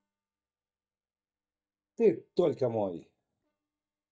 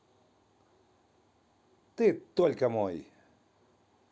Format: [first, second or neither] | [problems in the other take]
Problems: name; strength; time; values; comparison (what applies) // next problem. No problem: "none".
second | noise reduction (neural mask model DeepFilterNet 3)